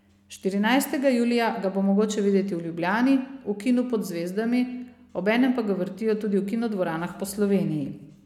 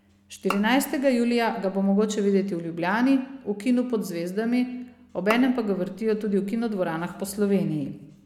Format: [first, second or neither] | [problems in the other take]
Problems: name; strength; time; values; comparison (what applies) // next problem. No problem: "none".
first | background sound (Bowed string instrument); 14 dB below the speech